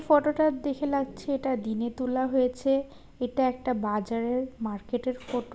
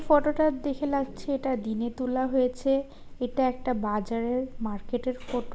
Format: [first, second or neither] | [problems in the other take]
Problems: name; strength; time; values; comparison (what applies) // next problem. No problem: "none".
first | background sound (Livestock, farm animals, working animals); 11 dB below the speech